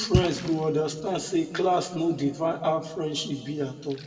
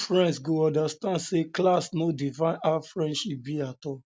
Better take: second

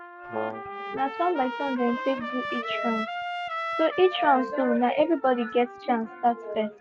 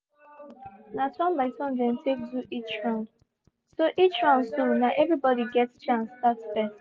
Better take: second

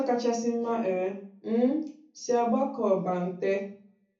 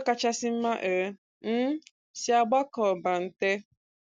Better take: second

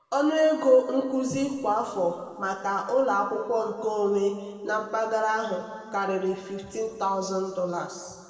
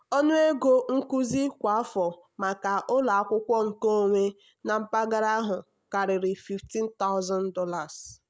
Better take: second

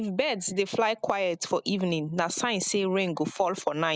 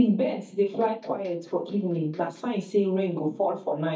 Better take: first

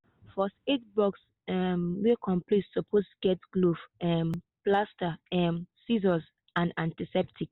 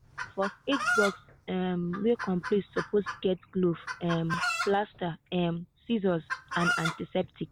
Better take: first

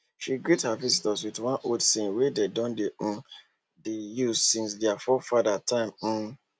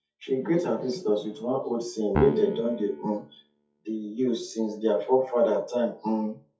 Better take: first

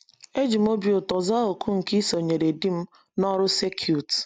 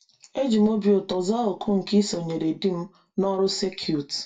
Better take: first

